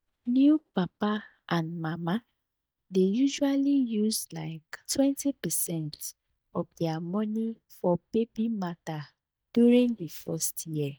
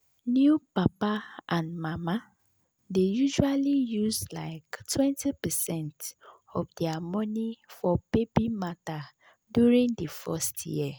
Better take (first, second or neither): second